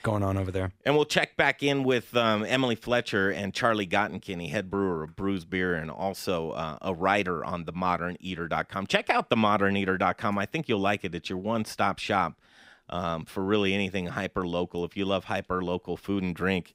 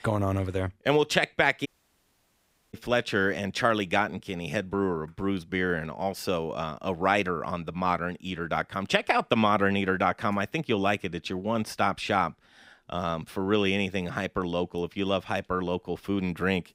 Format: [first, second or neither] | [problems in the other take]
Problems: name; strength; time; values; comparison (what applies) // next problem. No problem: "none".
first | audio cutting out; at 1.5 s for 1 s